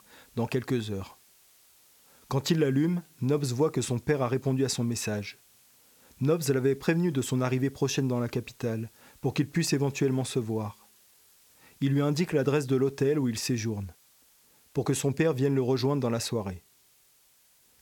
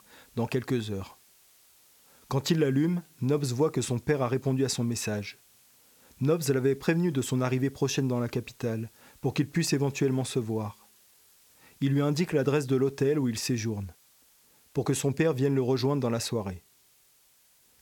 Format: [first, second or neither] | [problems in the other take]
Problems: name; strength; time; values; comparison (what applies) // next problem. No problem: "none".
neither | hiss; faint; throughout; 30 dB below the speech; the same in both